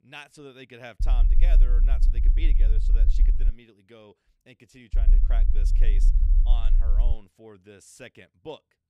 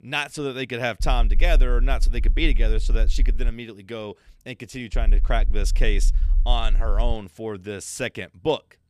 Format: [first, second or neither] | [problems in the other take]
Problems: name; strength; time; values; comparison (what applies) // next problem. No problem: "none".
second | low rumble; loud; from 1 to 3.5 s and from 5 to 7 s; 5 dB below the speech; faint in the second